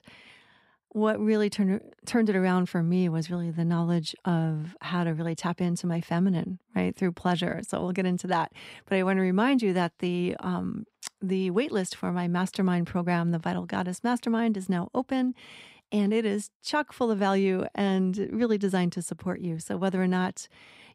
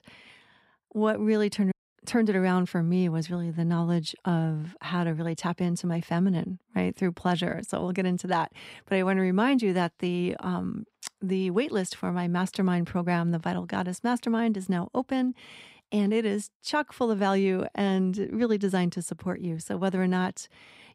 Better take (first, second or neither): first